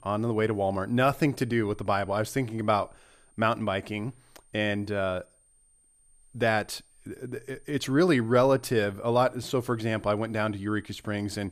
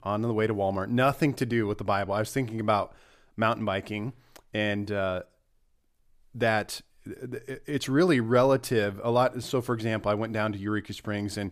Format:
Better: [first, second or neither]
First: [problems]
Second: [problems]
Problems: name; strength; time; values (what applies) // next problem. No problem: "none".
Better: second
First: high-pitched whine; faint; throughout; 8.5 kHz, 35 dB below the speech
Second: none